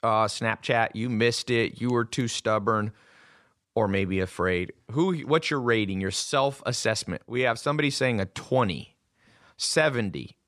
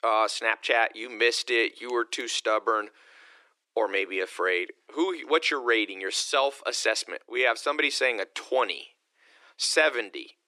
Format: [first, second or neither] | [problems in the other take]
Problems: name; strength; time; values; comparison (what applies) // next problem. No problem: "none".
first | thin; very; fading below 300 Hz